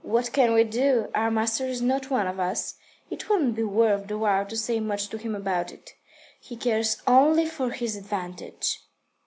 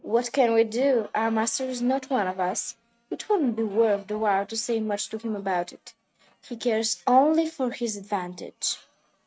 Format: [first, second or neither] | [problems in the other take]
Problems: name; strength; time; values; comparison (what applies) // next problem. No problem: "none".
first | noise reduction (neural mask model RNNoise)